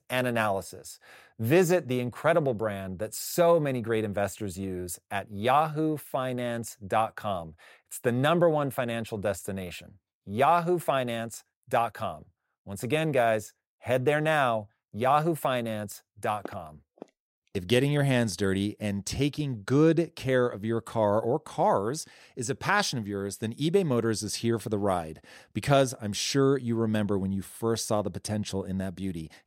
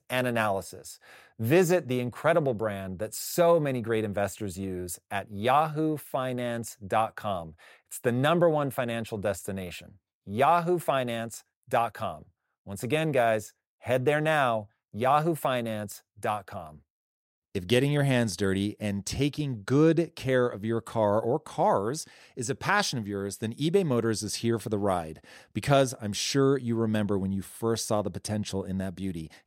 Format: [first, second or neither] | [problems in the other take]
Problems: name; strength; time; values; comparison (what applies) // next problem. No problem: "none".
second | footsteps; faint; from 16 to 18 s; peak 20 dB below the speech